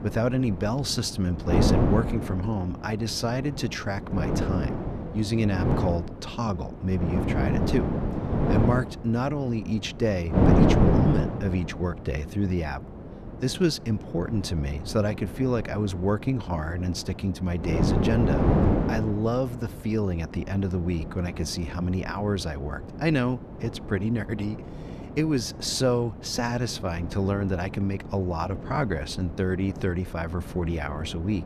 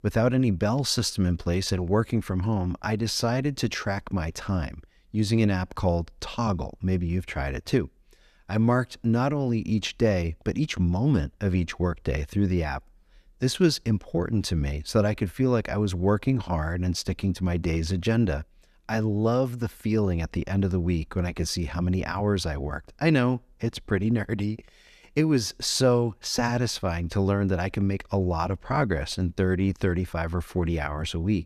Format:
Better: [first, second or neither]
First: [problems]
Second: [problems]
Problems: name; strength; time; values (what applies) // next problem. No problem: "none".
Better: second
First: wind noise on the microphone; heavy; 3 dB below the speech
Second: none